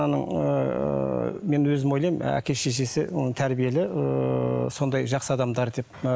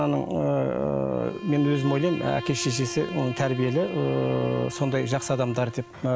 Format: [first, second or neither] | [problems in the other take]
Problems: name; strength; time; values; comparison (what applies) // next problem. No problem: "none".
first | background sound (Bowed string instrument); 13 dB below the speech